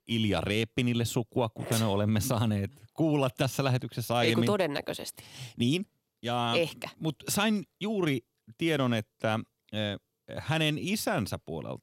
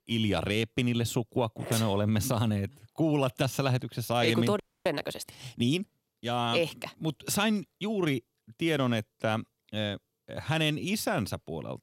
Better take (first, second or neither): first